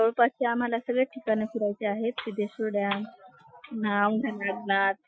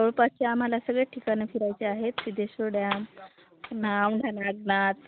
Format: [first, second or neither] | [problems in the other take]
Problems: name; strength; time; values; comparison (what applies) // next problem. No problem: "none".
second | noise reduction (classical method Wiener filter)